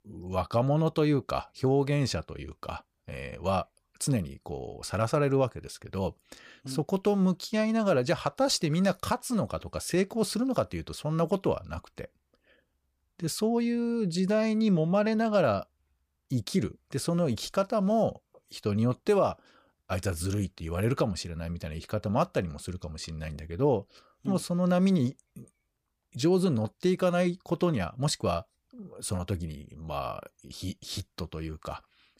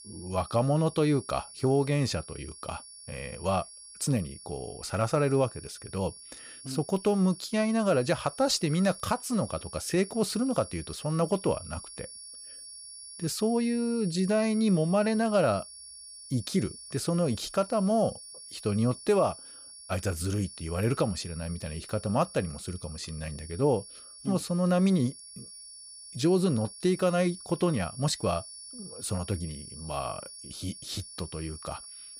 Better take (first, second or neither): first